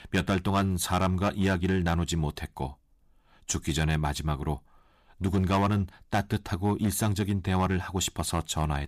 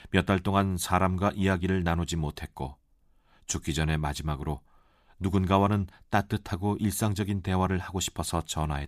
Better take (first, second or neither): second